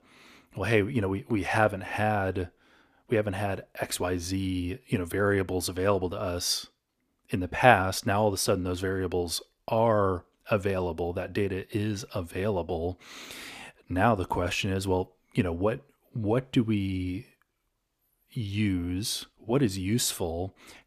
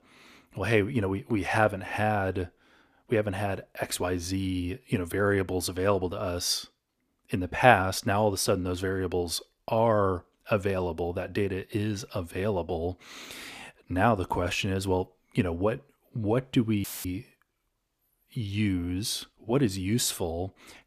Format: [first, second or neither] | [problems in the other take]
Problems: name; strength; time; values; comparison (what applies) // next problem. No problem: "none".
first | audio cutting out; filled with static; at 17 s